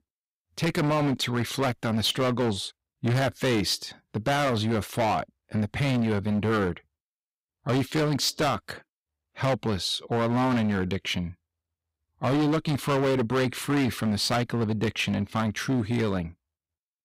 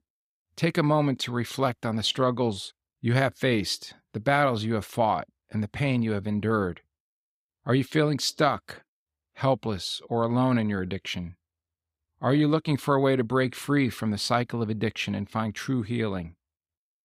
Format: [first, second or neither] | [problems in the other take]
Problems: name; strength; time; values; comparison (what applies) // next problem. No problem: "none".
second | distortion; heavy; 16% of the sound clipped